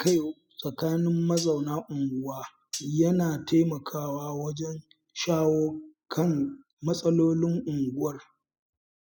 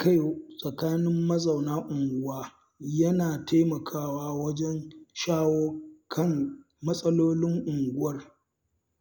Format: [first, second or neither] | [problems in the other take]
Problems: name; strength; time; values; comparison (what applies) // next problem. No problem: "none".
second | noise reduction (classical method spectral subtraction)